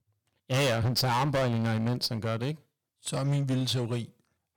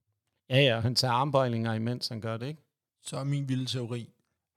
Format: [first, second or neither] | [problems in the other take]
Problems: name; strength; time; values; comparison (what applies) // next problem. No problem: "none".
second | distortion; heavy; 15% of the sound clipped